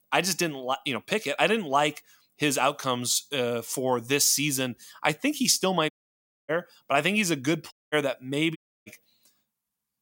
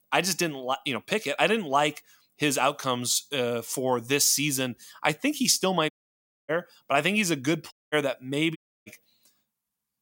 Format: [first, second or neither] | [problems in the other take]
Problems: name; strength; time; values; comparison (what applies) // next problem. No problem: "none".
neither | audio cutting out; at 6 s for 0.5 s, at 7.5 s and at 8.5 s; the same in both